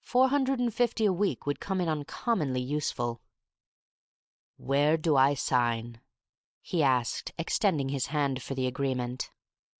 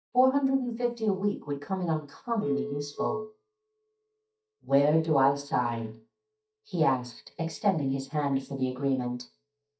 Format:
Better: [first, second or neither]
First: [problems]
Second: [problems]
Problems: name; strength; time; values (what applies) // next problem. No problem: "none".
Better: first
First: none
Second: noise reduction (neural mask model DeepFilterNet 3)